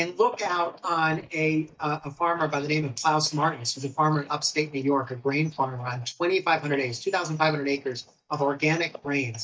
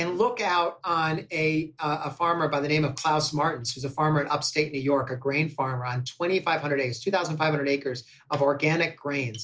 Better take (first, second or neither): second